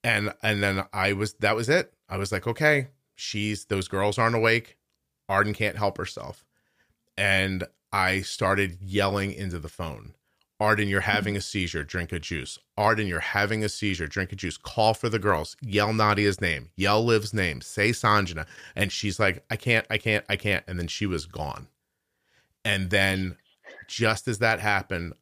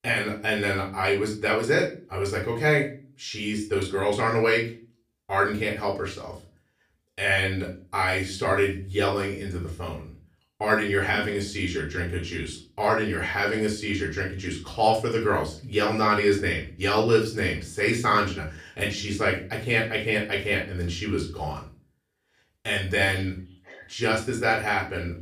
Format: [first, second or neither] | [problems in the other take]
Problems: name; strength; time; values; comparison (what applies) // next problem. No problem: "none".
first | room echo; slight; dies away in 0.3 s // off-mic speech; far